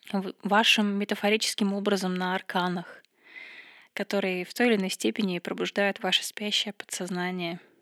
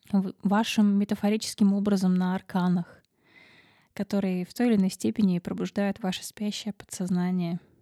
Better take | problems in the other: second | thin; somewhat; fading below 350 Hz

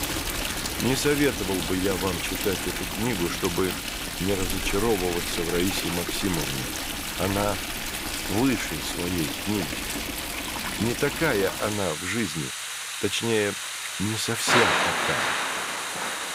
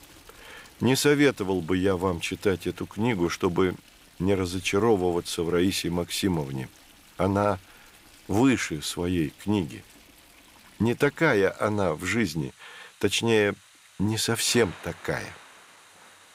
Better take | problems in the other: second | rain or running water; loud; throughout; as loud as the speech; faint in the second

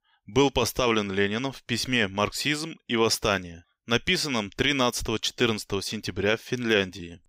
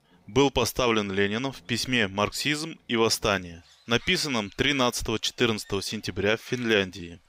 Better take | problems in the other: first | animal sounds; faint; throughout; 25 dB below the speech

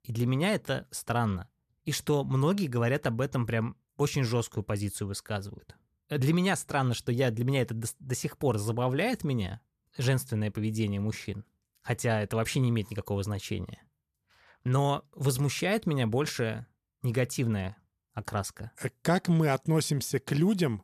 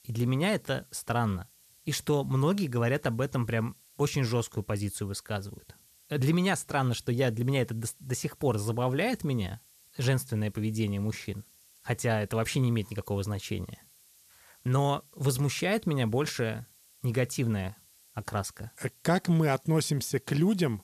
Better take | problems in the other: first | hiss; faint; throughout; 25 dB below the speech

